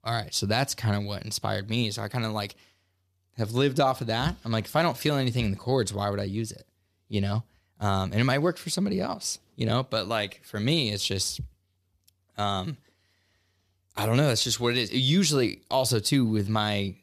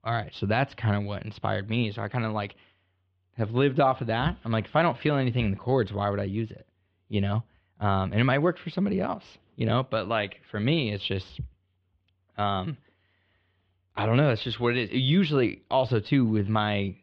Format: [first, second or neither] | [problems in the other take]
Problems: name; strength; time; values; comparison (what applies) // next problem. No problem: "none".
first | muffled; very; fading above 3 kHz